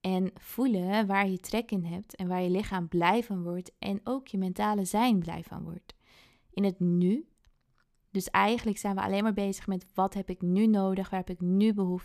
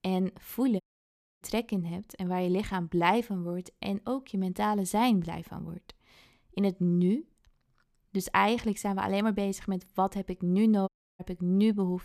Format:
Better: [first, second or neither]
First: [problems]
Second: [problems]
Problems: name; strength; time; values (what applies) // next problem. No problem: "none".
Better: first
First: none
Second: audio cutting out; at 1 s for 0.5 s and at 11 s